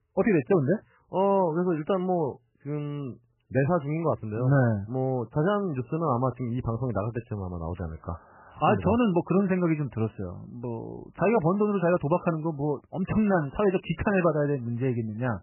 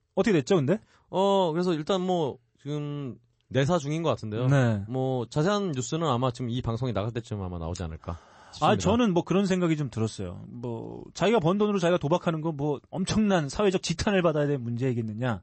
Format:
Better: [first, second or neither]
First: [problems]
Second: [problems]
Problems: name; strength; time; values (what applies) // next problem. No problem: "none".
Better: second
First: garbled, watery; badly; nothing above 3 kHz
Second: garbled, watery; slightly; nothing above 8 kHz